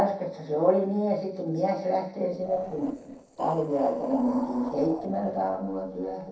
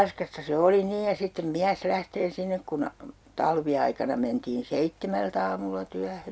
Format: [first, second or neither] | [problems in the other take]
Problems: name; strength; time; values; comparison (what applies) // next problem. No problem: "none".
second | noise reduction (neural separator model SepFormer DNS4)